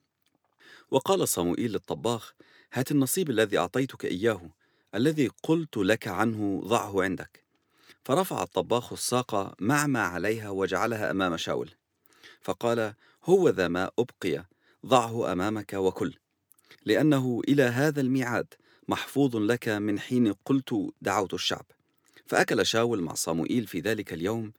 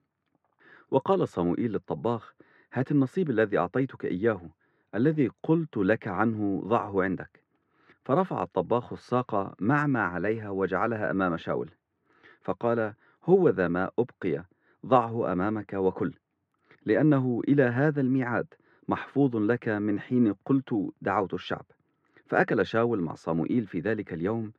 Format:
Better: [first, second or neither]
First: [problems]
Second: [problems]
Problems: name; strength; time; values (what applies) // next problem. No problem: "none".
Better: first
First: none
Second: muffled; very; fading above 1.5 kHz